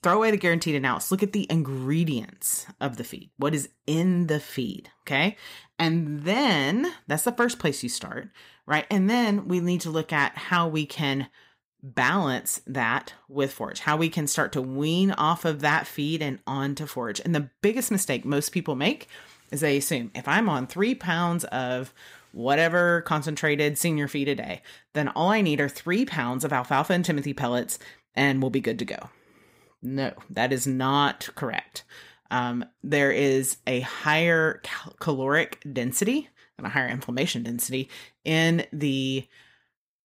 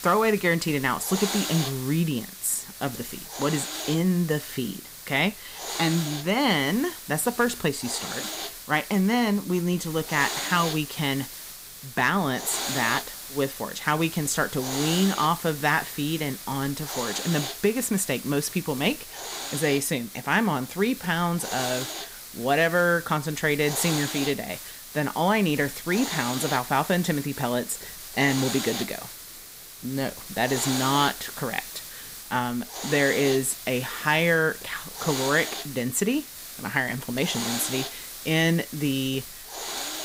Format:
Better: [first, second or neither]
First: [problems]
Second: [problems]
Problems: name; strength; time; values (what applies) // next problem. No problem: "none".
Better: first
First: none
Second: hiss; loud; throughout; 8 dB below the speech